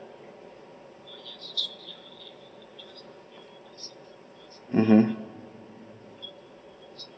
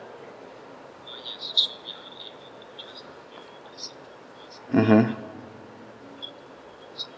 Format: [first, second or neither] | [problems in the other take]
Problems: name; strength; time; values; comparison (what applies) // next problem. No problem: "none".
second | room echo; dies away in 2.3 s